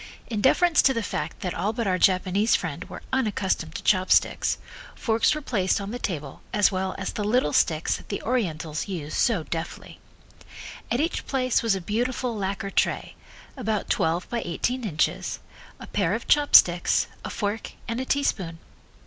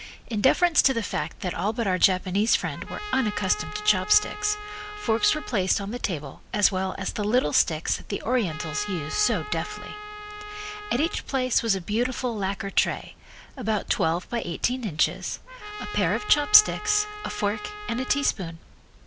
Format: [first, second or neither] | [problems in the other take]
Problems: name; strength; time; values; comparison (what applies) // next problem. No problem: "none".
first | background sound (Trumpet); 11 dB below the speech